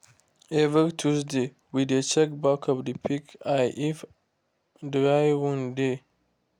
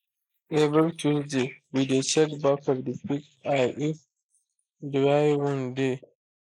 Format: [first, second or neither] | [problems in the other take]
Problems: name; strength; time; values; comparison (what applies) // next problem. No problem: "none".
first | noise reduction (neural mask model Resemble Enhance denoiser)